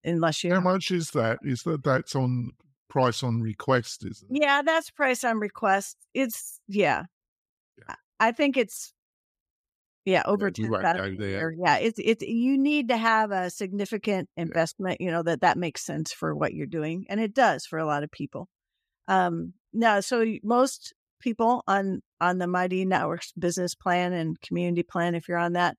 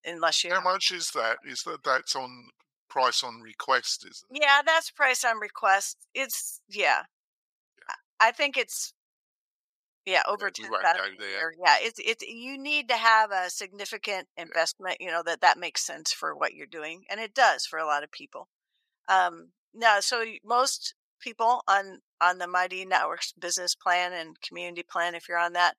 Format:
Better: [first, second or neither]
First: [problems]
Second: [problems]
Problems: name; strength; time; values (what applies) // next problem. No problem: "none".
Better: first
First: none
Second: thin; very; fading below 900 Hz